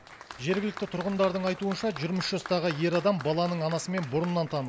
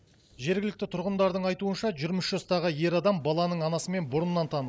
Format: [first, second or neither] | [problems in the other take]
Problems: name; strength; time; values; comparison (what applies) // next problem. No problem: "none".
second | background sound (Applause); 15 dB below the speech